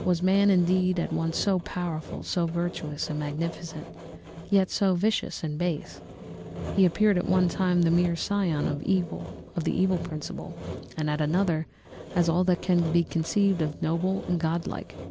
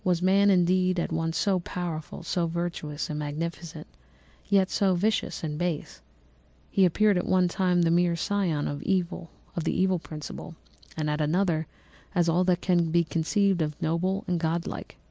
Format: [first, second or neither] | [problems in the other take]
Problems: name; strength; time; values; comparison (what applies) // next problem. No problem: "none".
second | background sound (Sawing); 13 dB below the speech